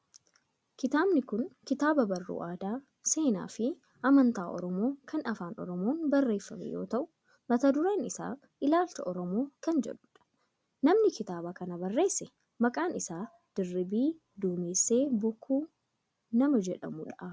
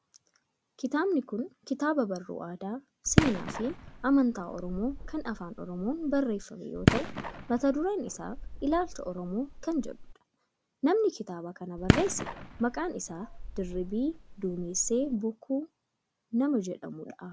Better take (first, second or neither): first